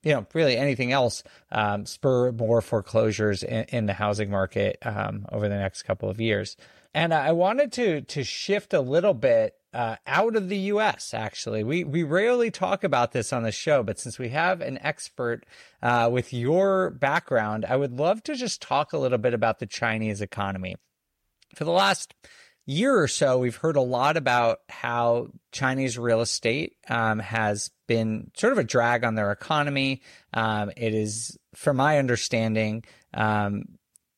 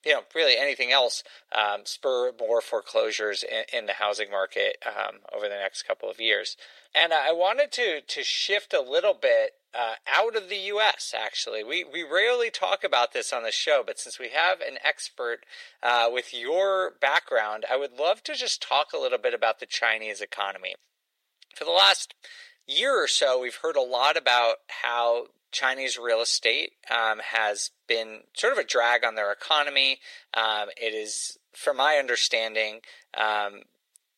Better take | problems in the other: first | thin; very; fading below 450 Hz

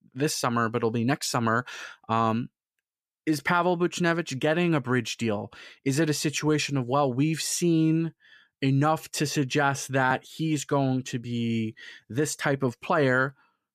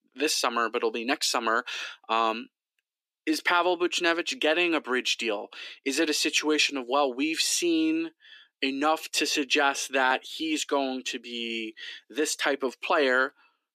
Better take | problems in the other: first | thin; somewhat; fading below 300 Hz

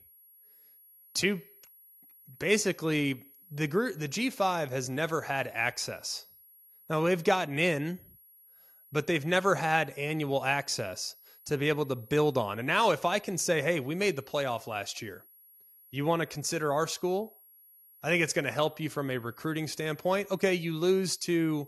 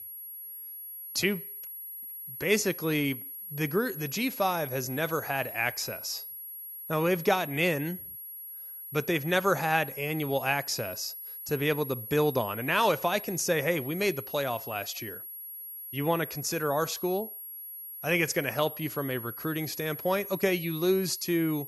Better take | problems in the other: first | high-pitched whine; loud; throughout; 11.5 kHz, 9 dB below the speech; faint in the first

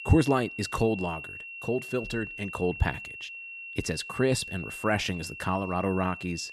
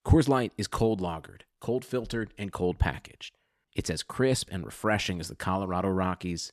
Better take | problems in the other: second | high-pitched whine; loud; throughout; 2.5 kHz, 9 dB below the speech

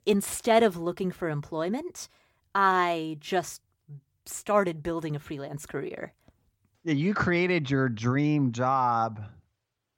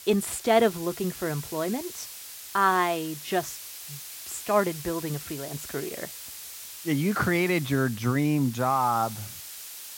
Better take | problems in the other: first | hiss; noticeable; throughout; 10 dB below the speech

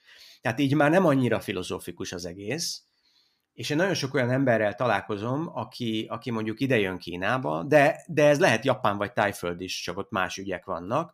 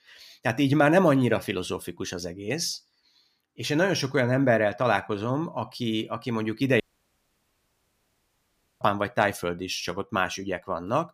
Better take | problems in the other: first | audio cutting out; at 7 s for 2 s

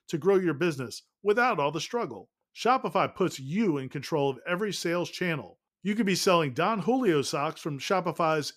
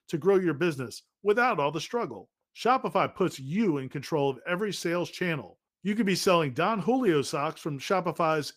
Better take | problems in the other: first | garbled, watery; slightly; nothing above 15 kHz

